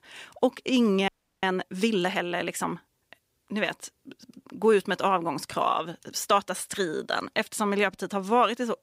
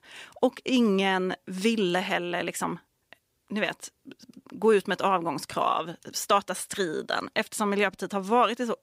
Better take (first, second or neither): second